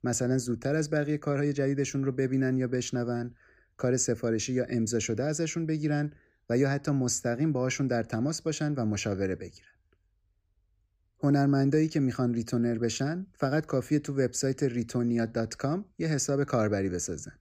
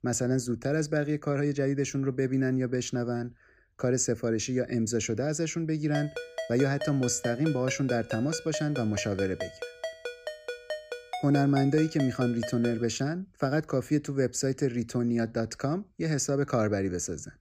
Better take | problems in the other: first | phone ringing; noticeable; from 6 to 13 s; peak 8 dB below the speech

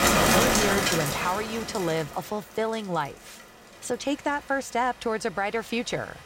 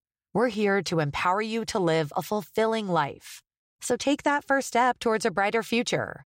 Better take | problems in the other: second | rain or running water; very loud; throughout; 5 dB above the speech

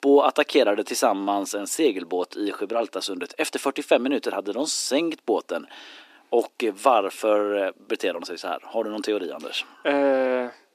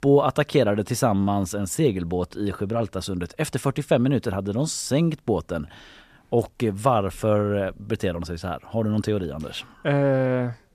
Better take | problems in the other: second | thin; somewhat; fading below 300 Hz

